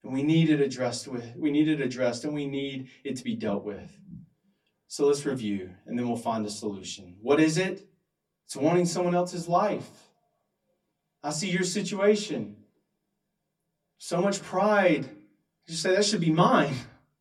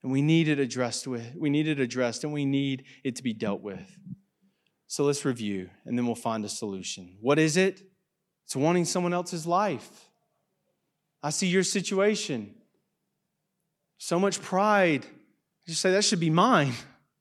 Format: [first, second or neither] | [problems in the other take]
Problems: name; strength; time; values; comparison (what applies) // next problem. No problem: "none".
second | off-mic speech; far // room echo; very slight; dies away in 0.2 s